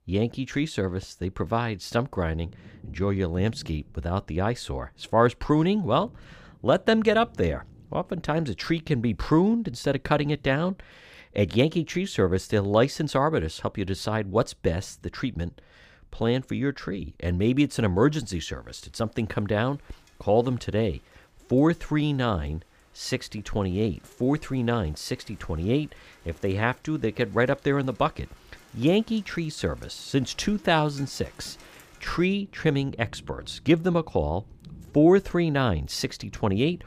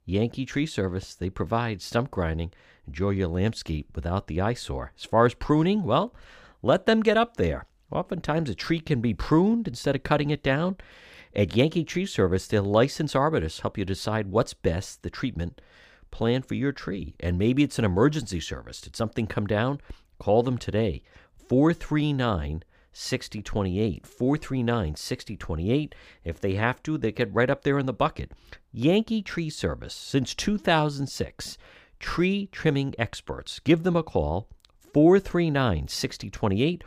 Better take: second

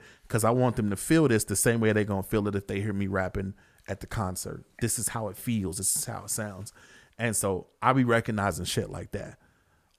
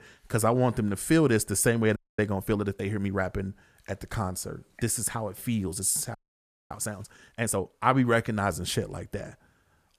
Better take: first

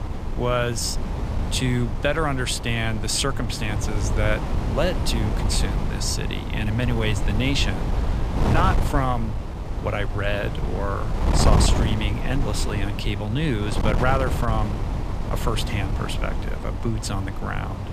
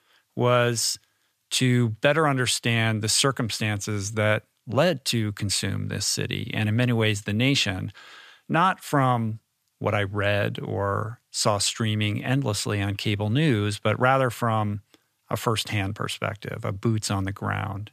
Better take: second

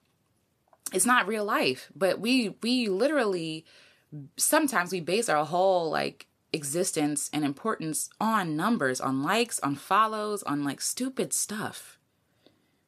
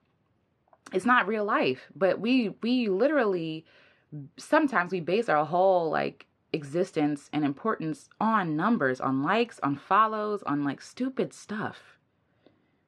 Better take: first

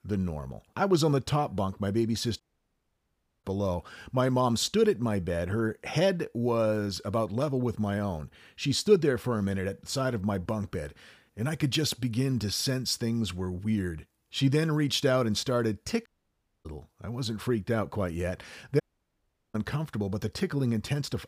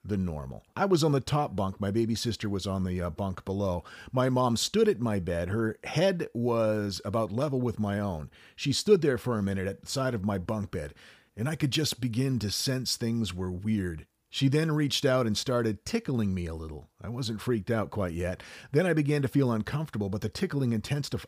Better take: second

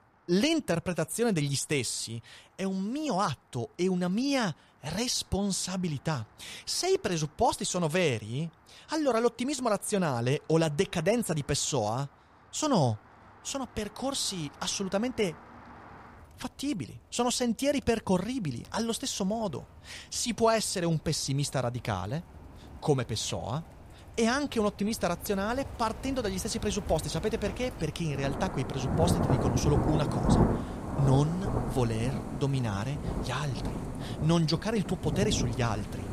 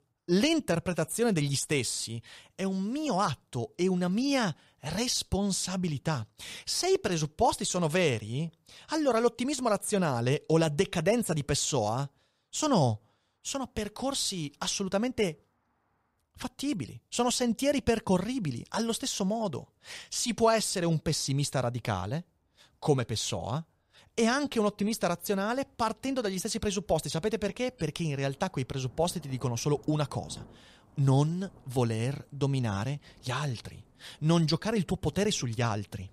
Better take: second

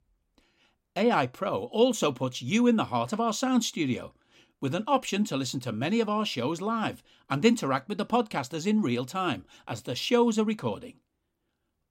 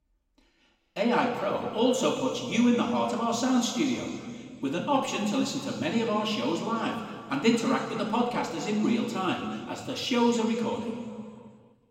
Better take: first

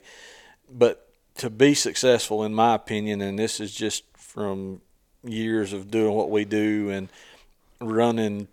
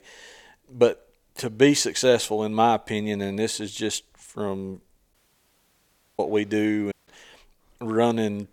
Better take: first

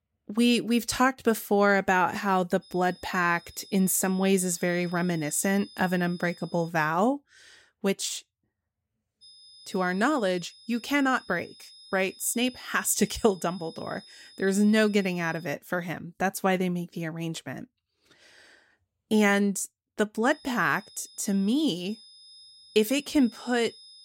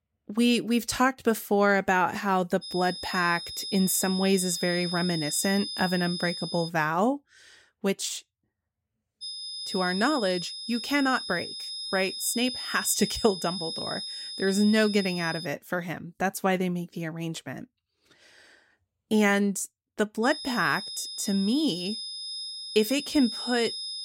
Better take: first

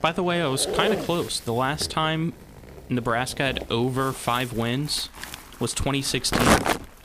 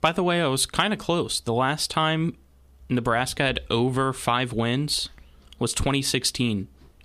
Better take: second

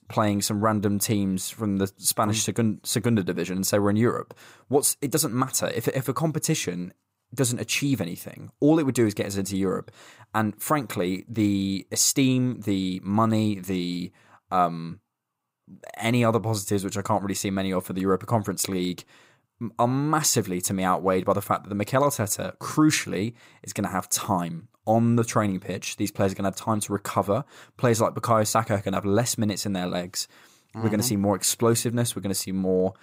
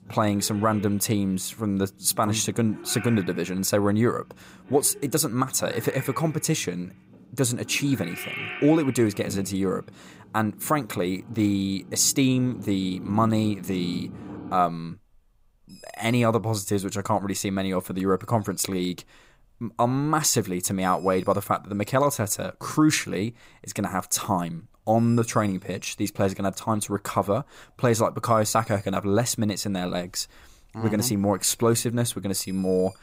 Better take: first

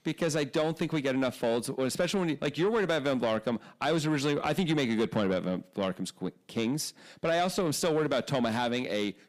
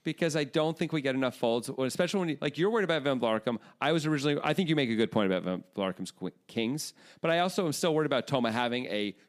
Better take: second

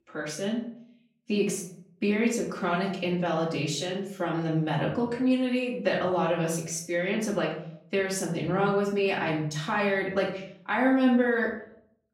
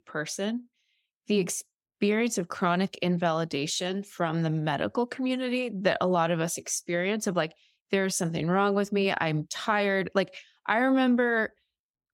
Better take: second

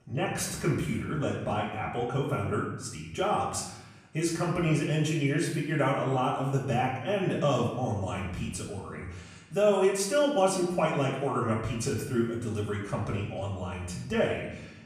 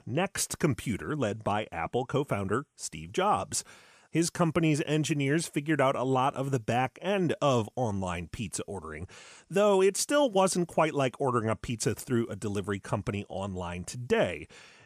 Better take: second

